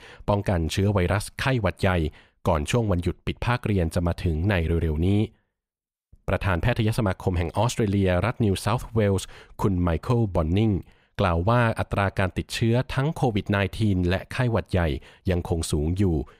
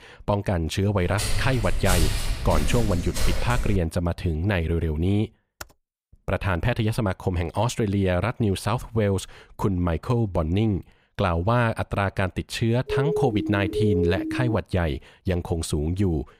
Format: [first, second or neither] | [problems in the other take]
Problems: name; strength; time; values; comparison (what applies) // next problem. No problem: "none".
first | footsteps; loud; from 1 to 4 s; peak level with the speech // keyboard typing; very faint; at 5.5 s; peak 20 dB below the speech // siren; loud; from 13 to 15 s; peak level with the speech